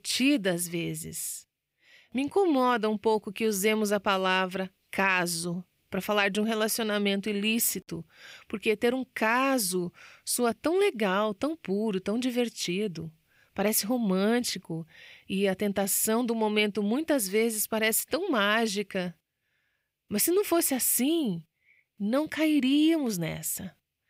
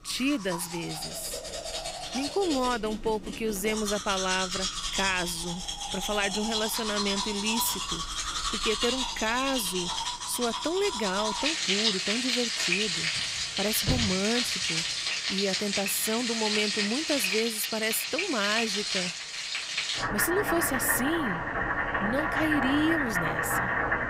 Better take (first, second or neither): first